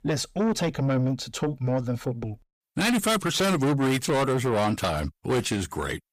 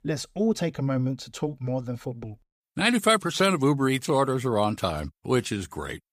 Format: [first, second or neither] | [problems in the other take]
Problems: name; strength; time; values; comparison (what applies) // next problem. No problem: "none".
second | distortion; heavy; 7 dB below the speech